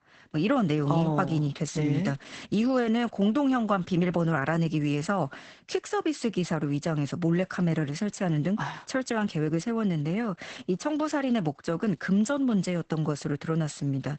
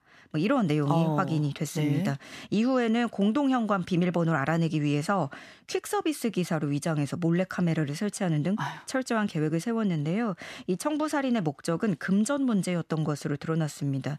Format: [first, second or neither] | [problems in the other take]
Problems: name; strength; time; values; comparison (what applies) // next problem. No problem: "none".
second | garbled, watery; badly; nothing above 8 kHz